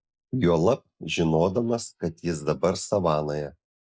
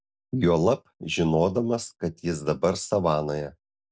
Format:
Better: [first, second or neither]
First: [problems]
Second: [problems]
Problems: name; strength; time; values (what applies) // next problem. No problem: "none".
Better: second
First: noise reduction (neural mask model Resemble Enhance denoiser)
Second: none